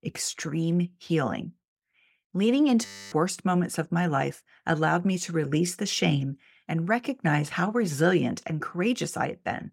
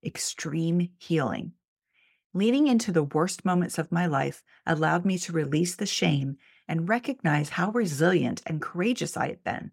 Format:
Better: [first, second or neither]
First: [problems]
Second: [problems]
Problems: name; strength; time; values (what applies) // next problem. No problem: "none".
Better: second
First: audio freezing; at 3 s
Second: none